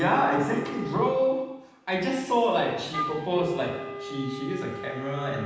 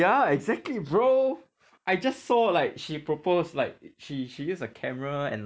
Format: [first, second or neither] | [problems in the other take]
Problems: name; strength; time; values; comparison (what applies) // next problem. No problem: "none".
second | background sound (Wind instrument, woodwind instrument); 11 dB below the speech // room echo; dies away in 1.1 s